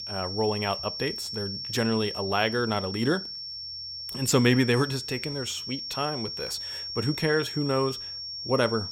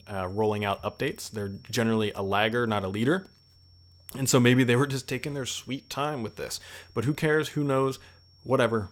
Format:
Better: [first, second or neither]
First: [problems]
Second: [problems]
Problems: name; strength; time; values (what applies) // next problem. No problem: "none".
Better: second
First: high-pitched whine; loud; throughout; 5.5 kHz, 6 dB below the speech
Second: high-pitched whine; faint; throughout; 5.5 kHz, 30 dB below the speech